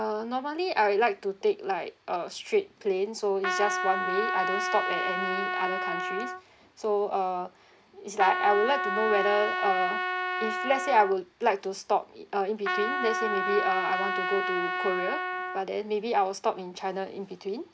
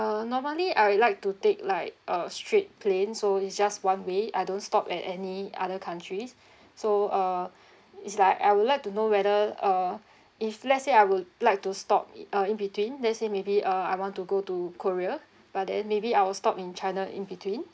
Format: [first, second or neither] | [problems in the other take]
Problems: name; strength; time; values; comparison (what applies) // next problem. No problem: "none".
second | background sound (Trumpet); 1 dB below the speech